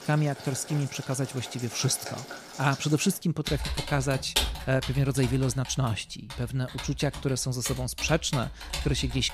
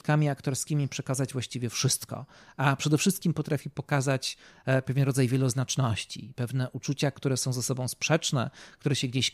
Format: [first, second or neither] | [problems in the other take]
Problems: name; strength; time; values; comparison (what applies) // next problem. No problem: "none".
second | household noises; loud; throughout; 8 dB below the speech